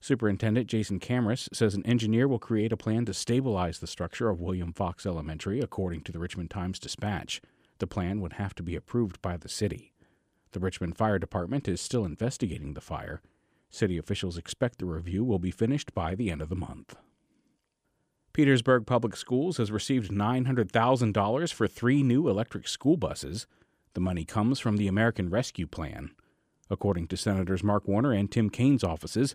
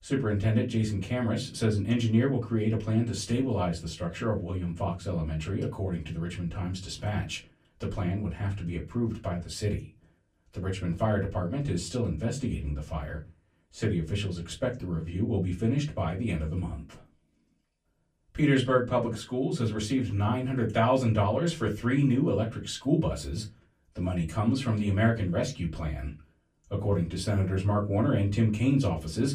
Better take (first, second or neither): first